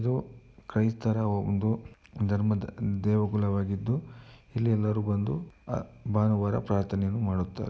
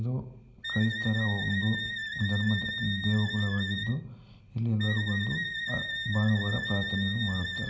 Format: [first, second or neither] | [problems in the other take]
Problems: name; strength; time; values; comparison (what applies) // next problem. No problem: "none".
first | background sound (Wind instrument, woodwind instrument); 5 dB below the speech // room echo; dies away in 2.9 s